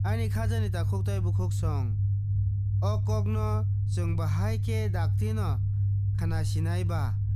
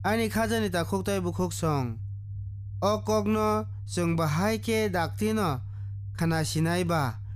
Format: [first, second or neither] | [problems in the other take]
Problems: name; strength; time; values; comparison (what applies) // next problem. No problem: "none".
second | low rumble; loud; throughout; 5 dB below the speech; faint in the second